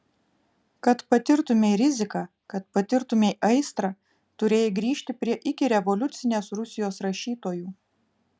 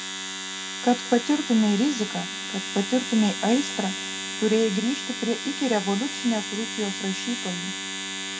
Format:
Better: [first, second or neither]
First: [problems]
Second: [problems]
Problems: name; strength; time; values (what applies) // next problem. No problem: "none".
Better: first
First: none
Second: background sound (Domestic sounds, home sounds); 6 dB below the speech // room echo; dies away in 1.1 s